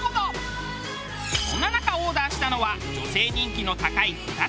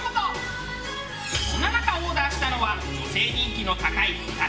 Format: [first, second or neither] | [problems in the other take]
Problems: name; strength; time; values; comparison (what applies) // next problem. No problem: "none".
first | room echo; dies away in 1.4 s